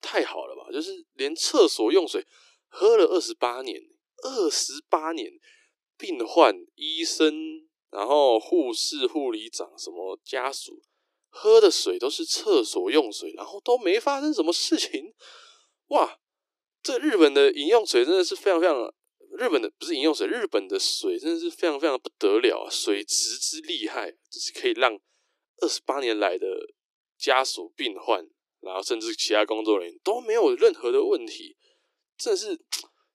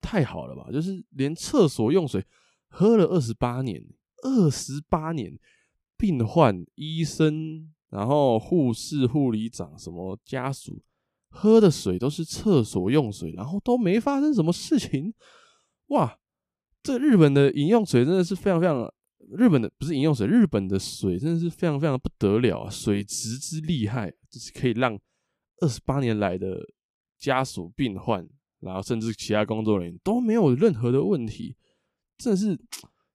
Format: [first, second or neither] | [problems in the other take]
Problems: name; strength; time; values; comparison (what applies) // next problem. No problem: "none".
second | thin; very; fading below 300 Hz